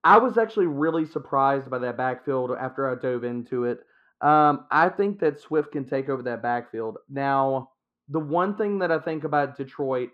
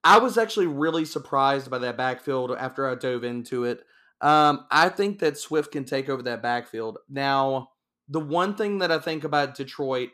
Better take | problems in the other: second | muffled; very; fading above 3.5 kHz

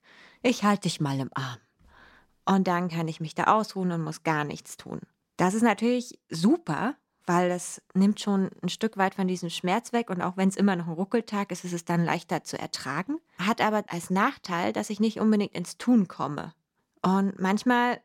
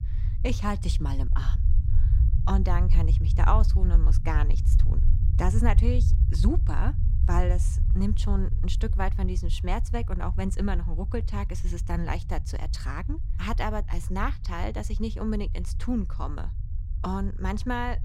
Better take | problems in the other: first | low rumble; noticeable; throughout; 10 dB below the speech

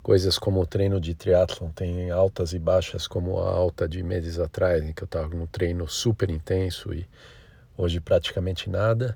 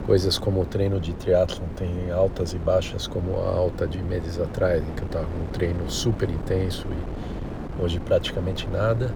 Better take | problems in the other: first | wind noise on the microphone; occasional gusts; 10 dB below the speech

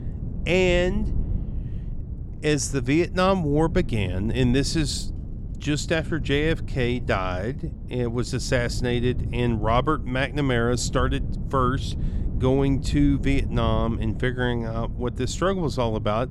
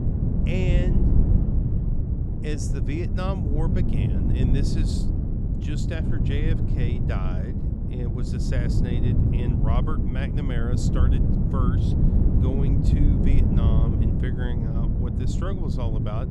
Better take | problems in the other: first | wind noise on the microphone; heavy; 1 dB above the speech; occasional gusts in the first

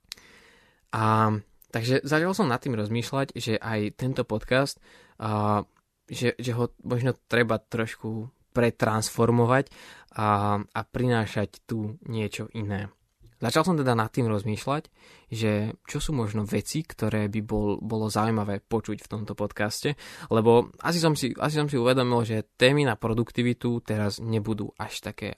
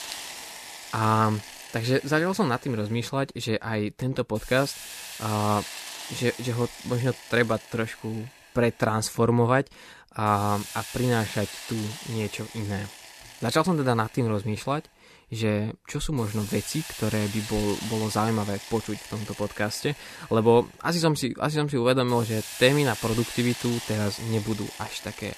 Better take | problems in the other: first | hiss; noticeable; throughout; 10 dB below the speech

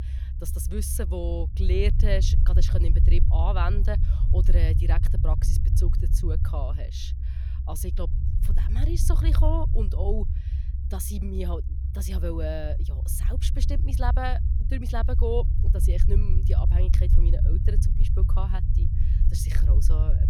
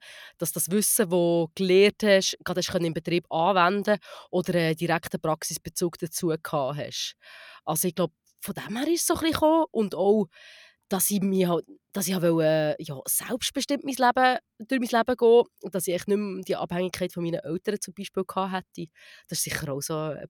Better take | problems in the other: second | low rumble; loud; throughout; 7 dB below the speech

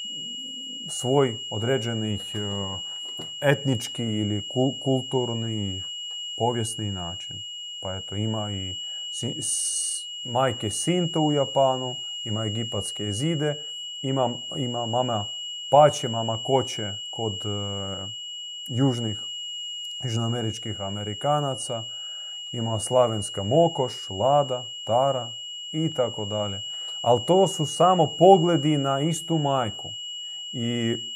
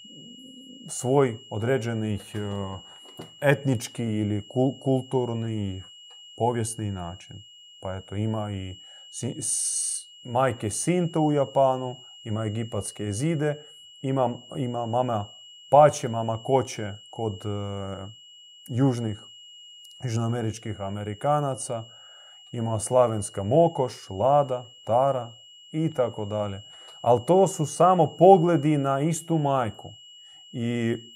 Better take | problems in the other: second | high-pitched whine; loud; throughout; 3 kHz, 7 dB below the speech; faint in the second

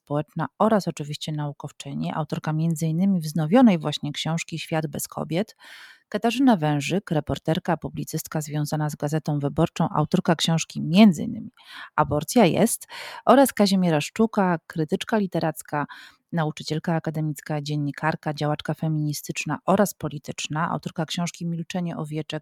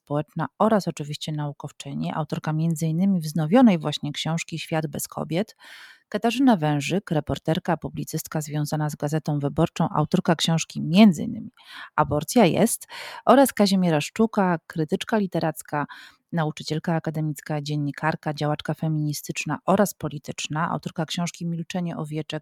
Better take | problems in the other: neither | none

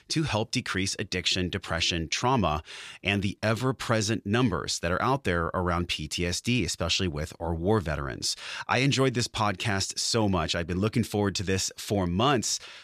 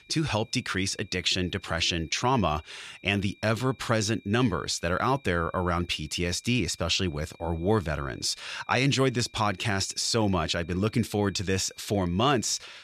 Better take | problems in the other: first | high-pitched whine; faint; throughout; 2.5 kHz, 30 dB below the speech

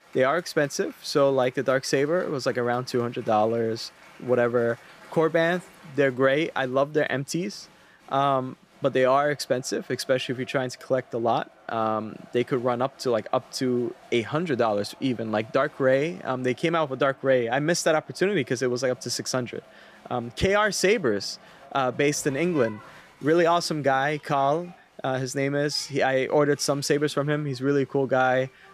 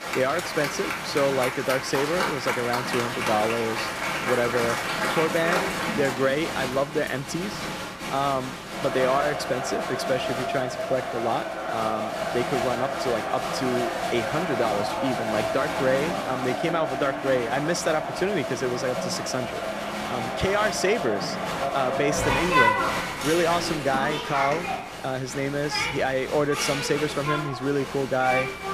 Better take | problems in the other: first | crowd noise; loud; throughout; 1 dB below the speech; faint in the first

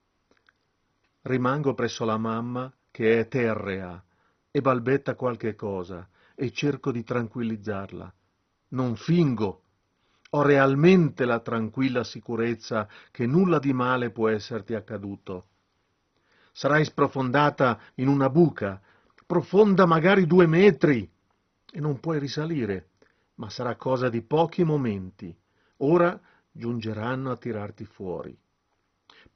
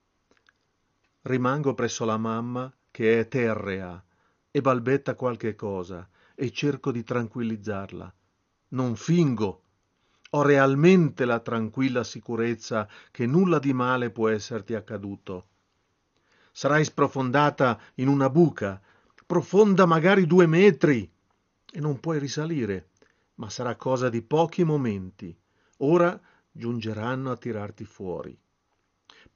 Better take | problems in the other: second | garbled, watery; badly; nothing above 6 kHz; slightly in the second

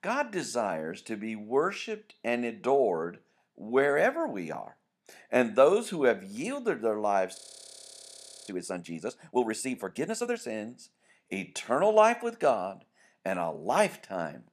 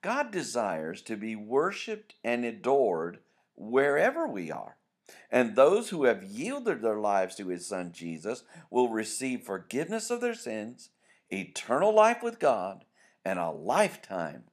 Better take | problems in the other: second | audio freezing; at 7.5 s for 1 s

